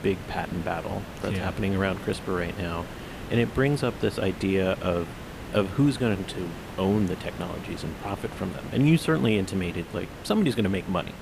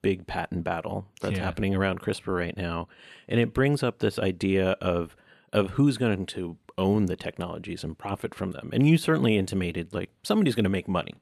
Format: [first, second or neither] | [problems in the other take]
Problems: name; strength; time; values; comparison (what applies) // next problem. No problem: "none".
second | hiss; noticeable; throughout; 10 dB below the speech